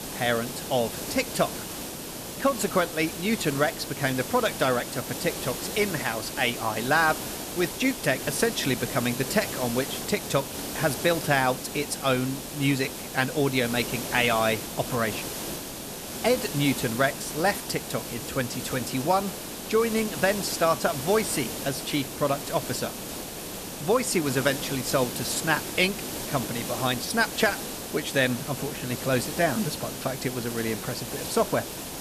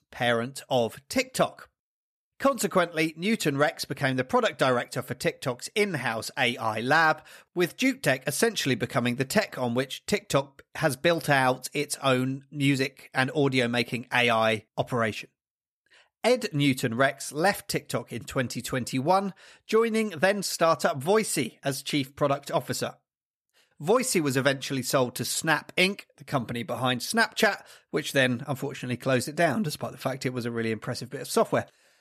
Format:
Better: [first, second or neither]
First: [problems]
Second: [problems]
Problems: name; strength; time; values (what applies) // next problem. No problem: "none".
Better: second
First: hiss; loud; throughout; 6 dB below the speech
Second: none